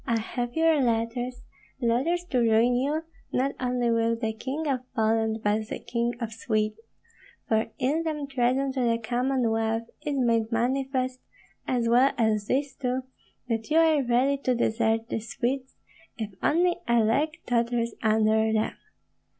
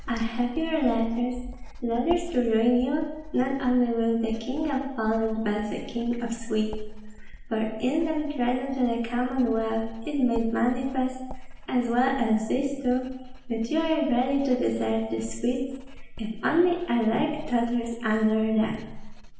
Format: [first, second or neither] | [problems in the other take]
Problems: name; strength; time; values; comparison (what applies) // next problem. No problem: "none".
first | background sound (Writing); 12 dB below the speech // room echo; dies away in 0.9 s